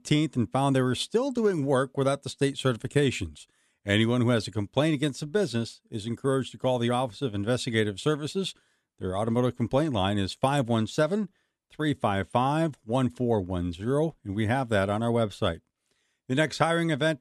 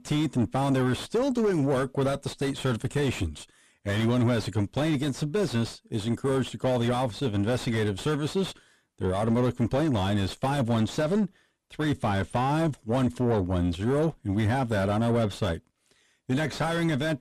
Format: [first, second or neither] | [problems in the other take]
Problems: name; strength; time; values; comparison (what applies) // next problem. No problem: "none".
first | distortion; heavy; 6 dB below the speech